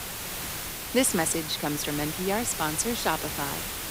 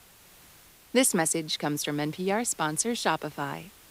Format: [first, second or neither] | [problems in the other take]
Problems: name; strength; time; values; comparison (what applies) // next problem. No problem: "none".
second | hiss; loud; throughout; 4 dB below the speech; faint in the second